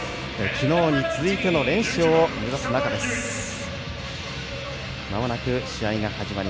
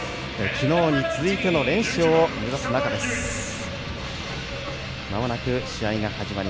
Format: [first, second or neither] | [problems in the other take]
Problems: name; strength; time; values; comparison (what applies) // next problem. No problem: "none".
first | background sound (Sliding door); 16 dB below the speech